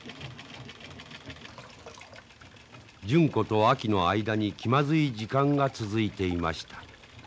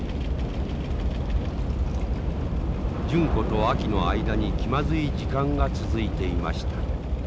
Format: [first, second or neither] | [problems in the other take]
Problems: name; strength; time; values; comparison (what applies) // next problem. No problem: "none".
first | background sound (Subway, metro, underground / Train); 4 dB above the speech